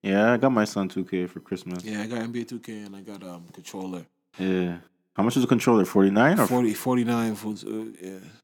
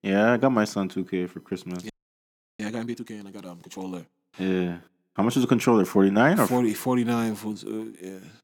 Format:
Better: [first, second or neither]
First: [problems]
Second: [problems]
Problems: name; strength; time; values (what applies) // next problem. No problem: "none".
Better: first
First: none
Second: audio freezing; at 2 s for 0.5 s